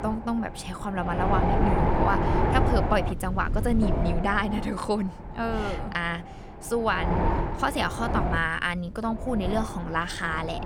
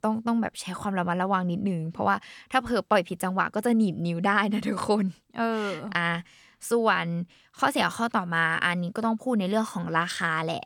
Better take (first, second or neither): second